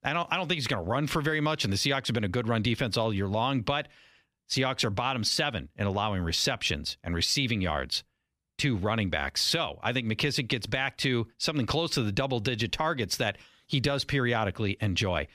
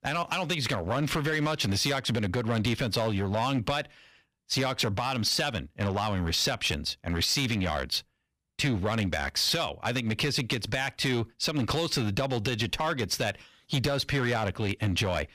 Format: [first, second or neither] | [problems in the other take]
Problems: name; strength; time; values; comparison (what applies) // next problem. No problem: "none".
first | distortion; slight; 8% of the sound clipped